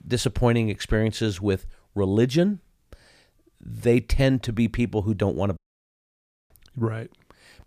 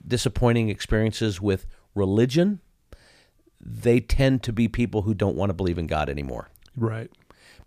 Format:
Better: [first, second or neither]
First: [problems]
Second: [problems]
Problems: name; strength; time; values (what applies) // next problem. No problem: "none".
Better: second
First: audio cutting out; at 5.5 s for 1 s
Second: none